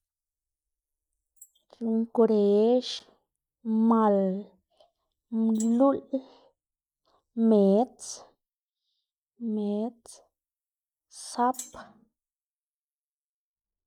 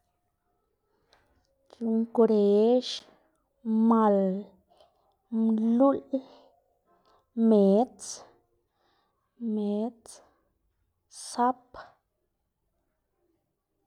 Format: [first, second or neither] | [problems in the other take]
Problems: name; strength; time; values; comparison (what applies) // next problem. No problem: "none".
second | noise reduction (neural mask model Resemble Enhance denoiser)